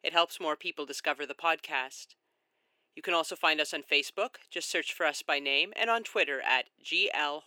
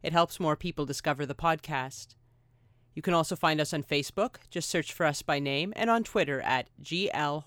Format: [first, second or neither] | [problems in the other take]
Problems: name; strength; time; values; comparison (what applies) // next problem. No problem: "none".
second | thin; somewhat; fading below 350 Hz